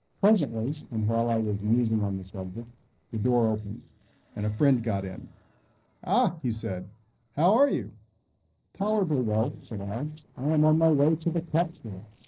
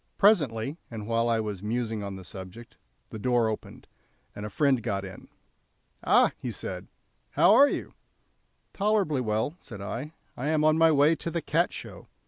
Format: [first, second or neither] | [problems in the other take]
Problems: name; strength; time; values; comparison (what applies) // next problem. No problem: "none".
second | noise reduction (neural separator model SepFormer DNS4)